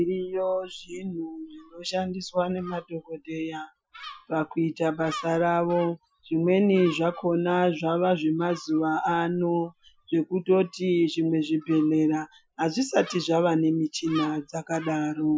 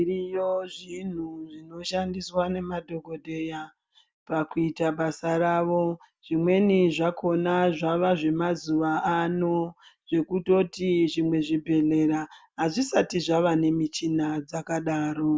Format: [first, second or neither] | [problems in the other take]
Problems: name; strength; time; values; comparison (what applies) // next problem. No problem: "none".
second | noise reduction (classical method Wiener filter)